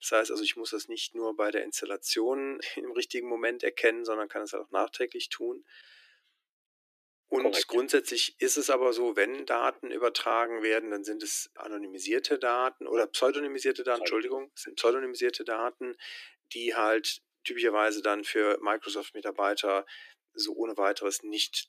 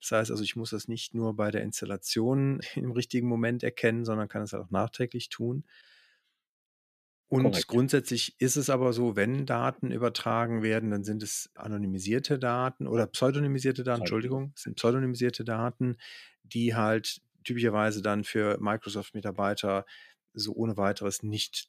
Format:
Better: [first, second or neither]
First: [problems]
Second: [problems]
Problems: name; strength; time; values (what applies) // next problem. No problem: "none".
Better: second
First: thin; very; fading below 300 Hz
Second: none